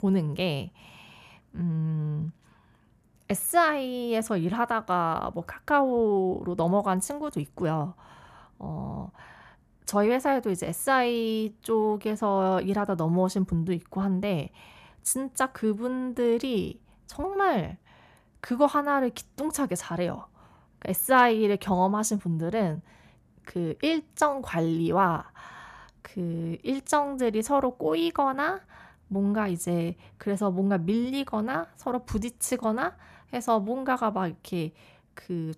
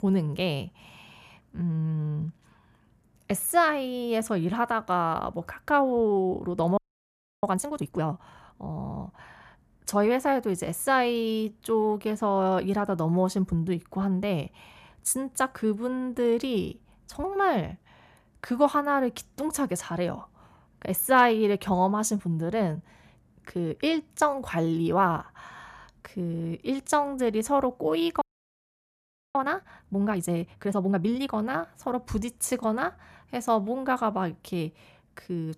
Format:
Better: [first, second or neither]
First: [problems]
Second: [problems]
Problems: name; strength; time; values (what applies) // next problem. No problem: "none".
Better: first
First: none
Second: audio freezing; at 7 s for 0.5 s and at 28 s for 1 s